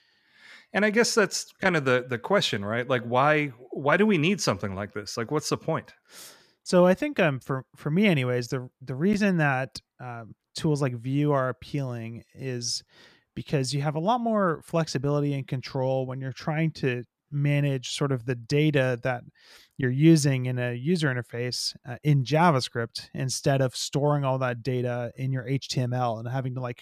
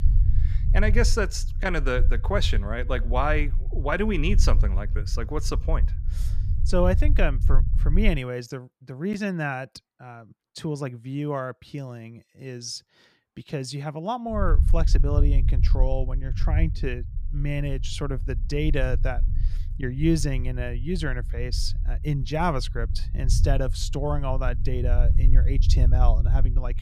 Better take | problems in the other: first | low rumble; noticeable; until 8 s and from 14 s on; 15 dB below the speech

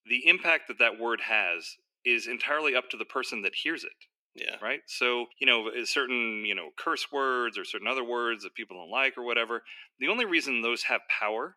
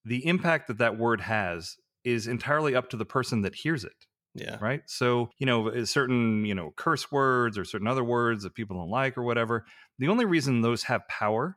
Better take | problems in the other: second | thin; somewhat; fading below 300 Hz

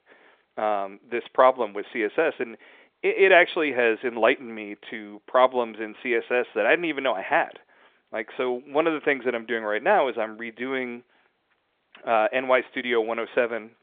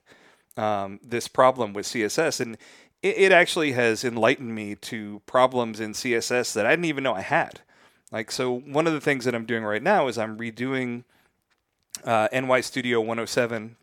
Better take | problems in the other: second | phone-call audio; nothing above 3.5 kHz

